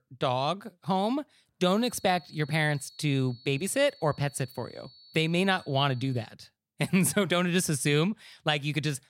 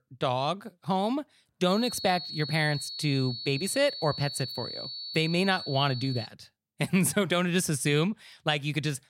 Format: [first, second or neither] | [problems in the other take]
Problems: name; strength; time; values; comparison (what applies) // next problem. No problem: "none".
first | high-pitched whine; loud; from 1.5 to 6.5 s; 4.5 kHz, 8 dB below the speech; faint in the first